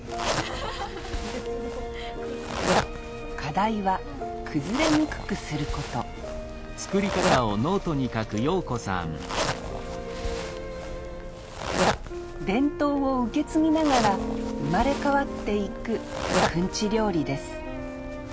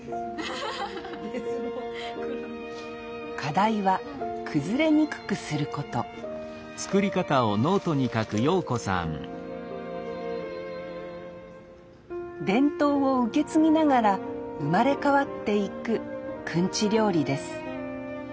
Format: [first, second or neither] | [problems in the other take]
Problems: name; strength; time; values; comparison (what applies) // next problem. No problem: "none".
second | background sound (Electric guitar / Strum + Zipper (clothing)); 4 dB below the speech